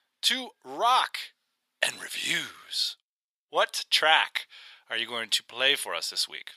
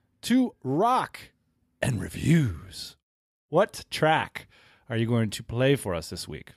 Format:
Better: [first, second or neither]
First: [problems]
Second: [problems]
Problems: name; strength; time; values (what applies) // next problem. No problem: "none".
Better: second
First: thin; very; fading below 950 Hz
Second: none